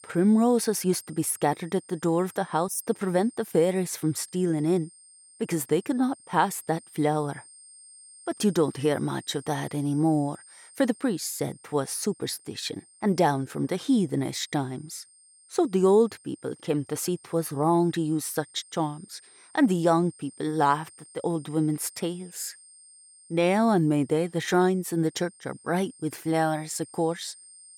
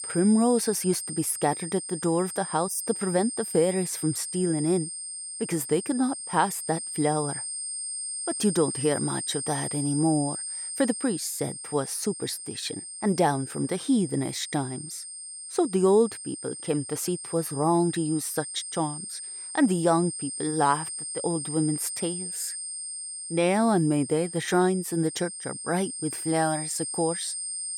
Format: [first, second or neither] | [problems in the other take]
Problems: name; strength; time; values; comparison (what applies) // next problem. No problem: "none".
first | high-pitched whine; loud; throughout; 8.5 kHz, 6 dB below the speech; faint in the first